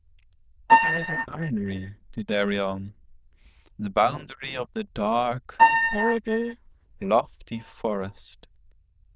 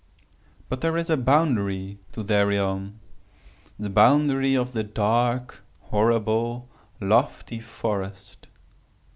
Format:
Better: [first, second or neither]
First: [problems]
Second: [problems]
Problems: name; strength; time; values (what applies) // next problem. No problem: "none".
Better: second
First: noise reduction (neural diffusion model UNIVERSE++)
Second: none